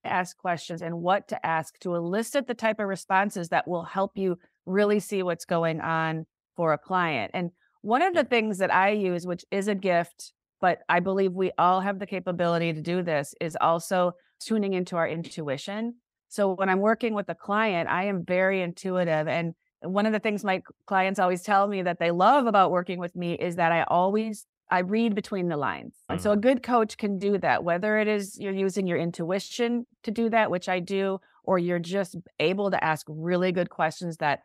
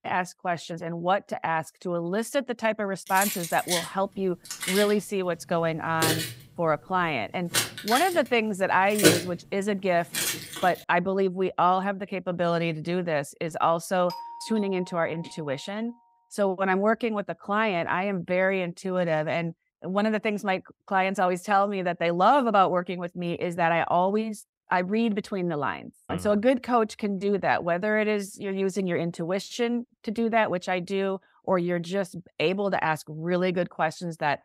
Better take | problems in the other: first | jangling keys; loud; from 3 to 10 s; peak 6 dB above the speech // doorbell; faint; from 14 to 16 s; peak 10 dB below the speech

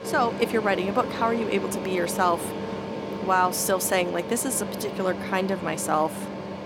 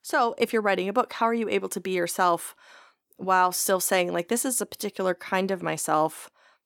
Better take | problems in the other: second | machinery noise; loud; throughout; 7 dB below the speech

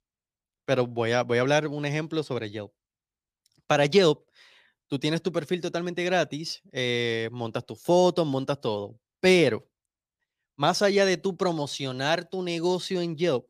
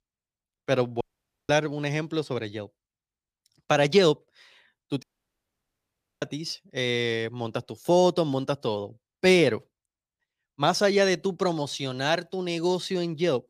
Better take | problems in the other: first | audio cutting out; at 1 s and at 5 s for 1 s

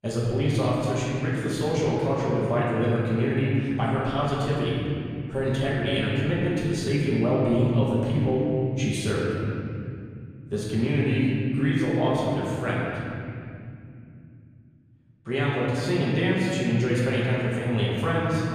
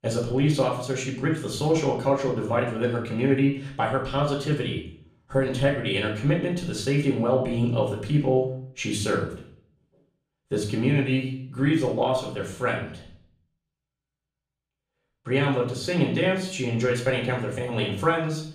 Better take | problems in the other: second | room echo; strong; dies away in 3 s; slight in the second // off-mic speech; far; far in the second

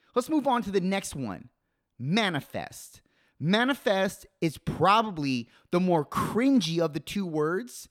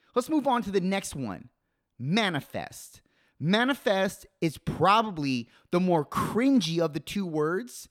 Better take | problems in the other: neither | none

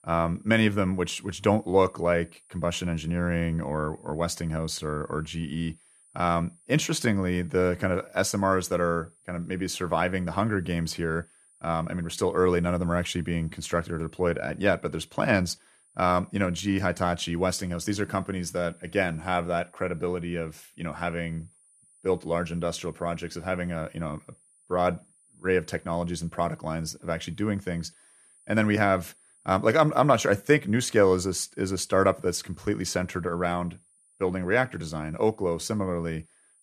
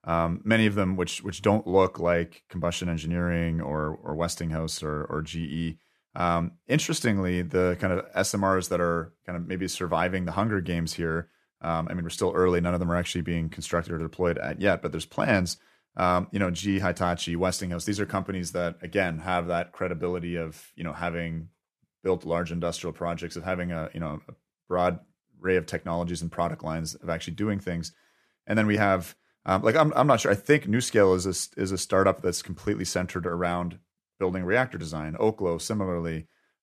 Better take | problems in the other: second | high-pitched whine; faint; throughout; 9.5 kHz, 30 dB below the speech

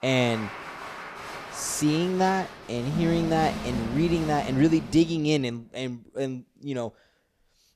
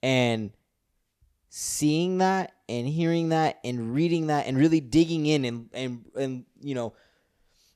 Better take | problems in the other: second | crowd noise; loud; until 4.5 s; 10 dB below the speech

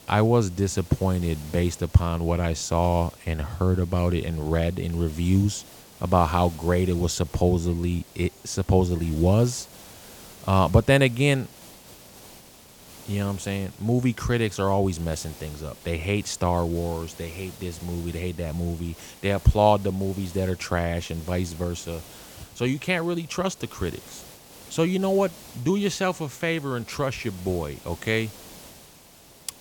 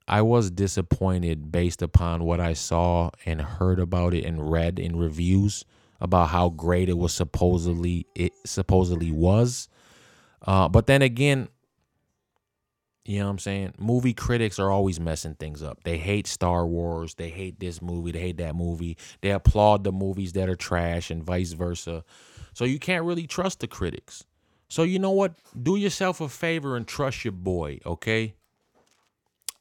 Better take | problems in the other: second | hiss; faint; throughout; 20 dB below the speech

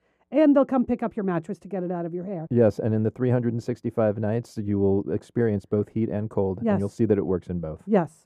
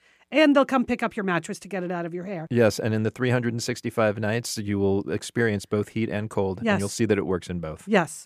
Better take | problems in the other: second | muffled; very; fading above 1.5 kHz

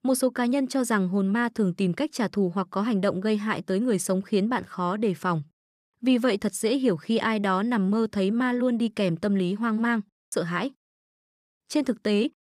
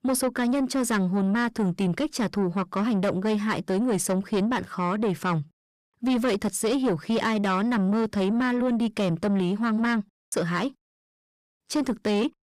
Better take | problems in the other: first | distortion; slight; 10 dB below the speech

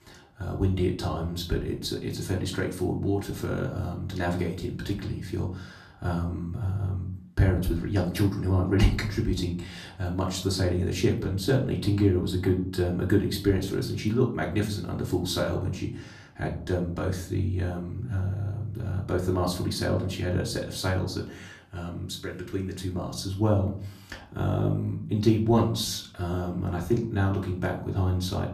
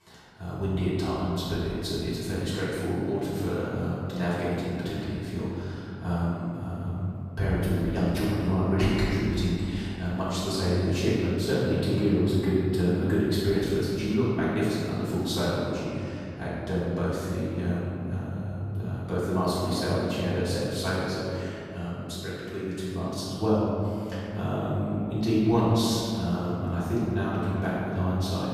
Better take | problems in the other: first | room echo; strong; dies away in 2.6 s; slight in the first // off-mic speech; far; far in the first

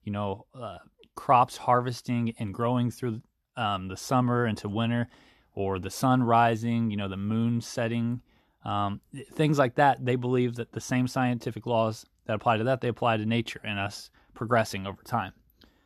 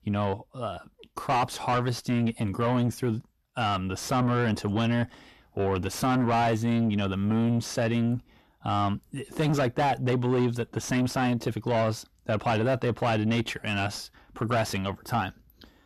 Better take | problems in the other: first | distortion; heavy; 6 dB below the speech

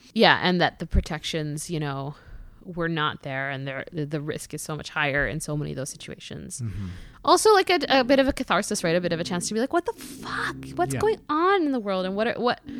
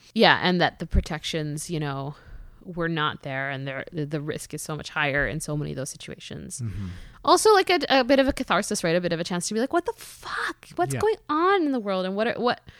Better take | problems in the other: second | low rumble; faint; throughout; 25 dB below the speech

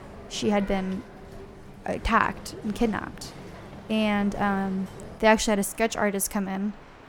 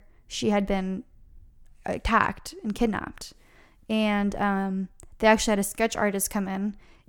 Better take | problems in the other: second | train or aircraft noise; noticeable; throughout; 20 dB below the speech

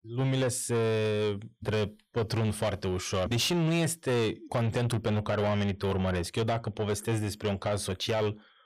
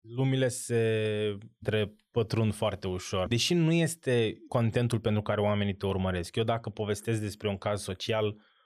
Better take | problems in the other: second | distortion; slight; 10 dB below the speech

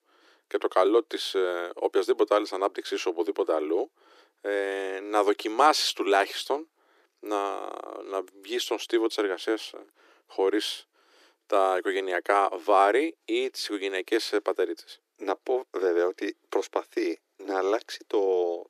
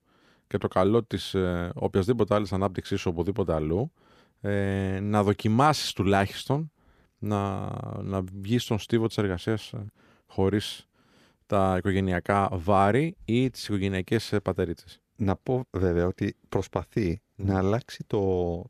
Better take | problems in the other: second | thin; very; fading below 300 Hz

